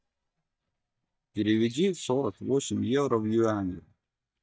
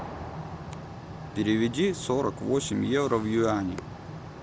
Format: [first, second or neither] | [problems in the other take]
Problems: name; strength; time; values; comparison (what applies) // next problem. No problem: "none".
second | noise reduction (neural mask model DeepFilterNet 3)